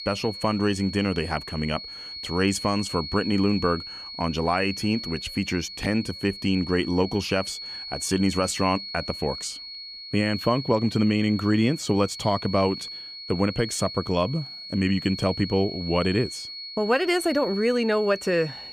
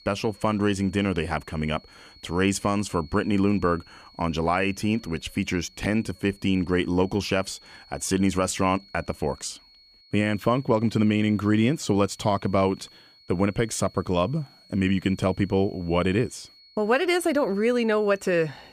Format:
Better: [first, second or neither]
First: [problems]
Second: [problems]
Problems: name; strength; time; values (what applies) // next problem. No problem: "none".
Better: second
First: high-pitched whine; loud; throughout; 4.5 kHz, 10 dB below the speech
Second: high-pitched whine; faint; throughout; 4.5 kHz, 25 dB below the speech